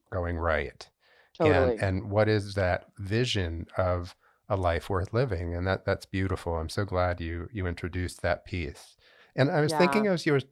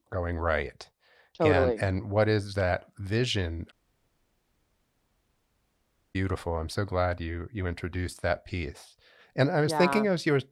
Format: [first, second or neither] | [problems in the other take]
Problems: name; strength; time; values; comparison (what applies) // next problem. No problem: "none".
first | audio cutting out; at 3.5 s for 2.5 s